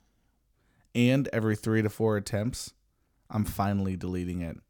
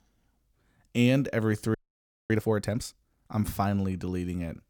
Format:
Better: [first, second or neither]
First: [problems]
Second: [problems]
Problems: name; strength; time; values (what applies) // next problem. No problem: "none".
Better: first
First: none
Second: audio freezing; at 1.5 s for 0.5 s